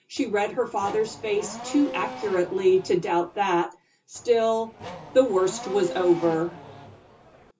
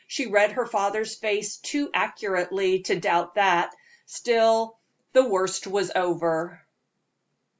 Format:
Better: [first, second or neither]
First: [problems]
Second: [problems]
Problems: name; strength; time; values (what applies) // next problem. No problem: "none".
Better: second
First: background sound (Race car, auto racing / Accelerating, revving, vroom); 15 dB below the speech // room echo; dies away in 0.2 s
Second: none